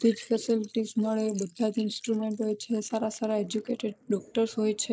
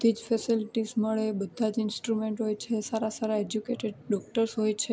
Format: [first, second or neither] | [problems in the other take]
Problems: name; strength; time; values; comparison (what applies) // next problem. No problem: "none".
second | noise reduction (neural mask model Resemble Enhance denoiser)